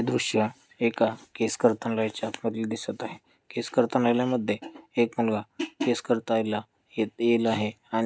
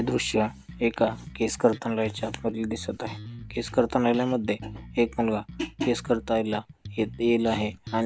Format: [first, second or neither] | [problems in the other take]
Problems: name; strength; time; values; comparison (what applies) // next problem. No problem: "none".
first | background sound (Bass guitar); 15 dB below the speech